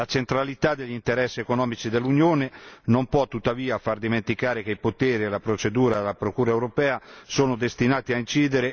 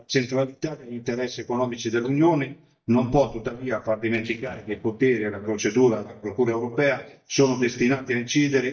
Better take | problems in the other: first | noise reduction (neural mask model DeepFilterNet 3)

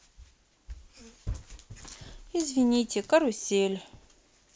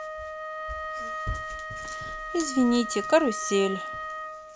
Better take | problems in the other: first | background sound (Wind instrument, woodwind instrument); 6 dB below the speech

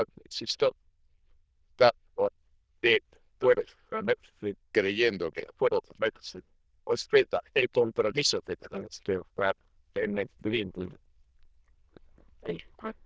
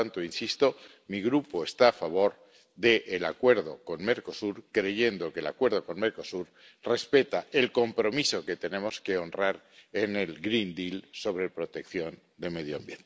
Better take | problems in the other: second | noise reduction (neural diffusion model UNIVERSE++)

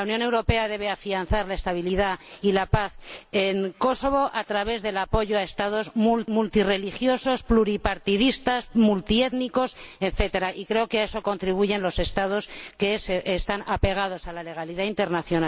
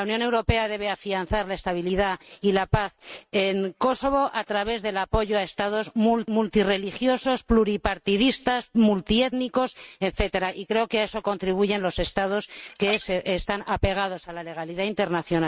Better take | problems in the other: first | noise reduction (neural mask model RNNoise)

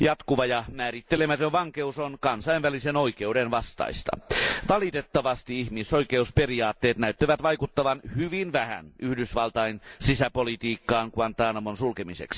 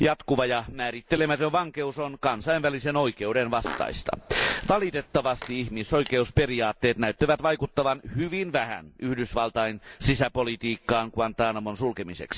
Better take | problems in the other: first | background sound (Fart); 14 dB below the speech

